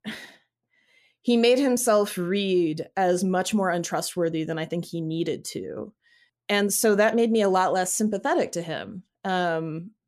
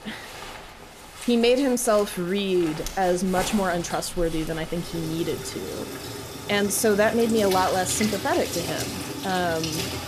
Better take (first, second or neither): first